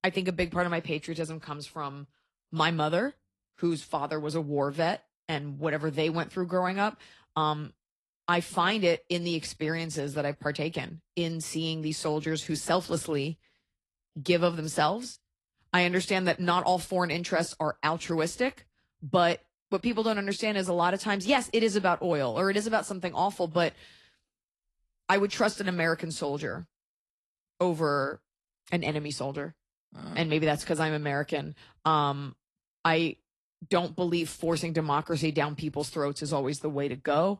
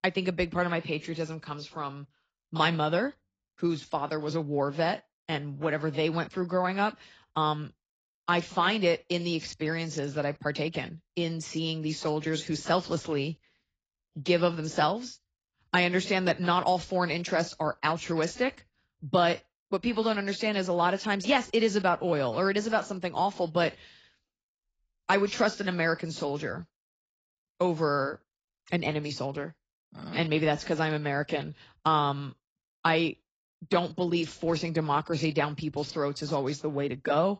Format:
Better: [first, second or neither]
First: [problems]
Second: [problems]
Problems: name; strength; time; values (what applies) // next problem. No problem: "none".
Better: first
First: garbled, watery; slightly; nothing above 11.5 kHz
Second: garbled, watery; badly; nothing above 7.5 kHz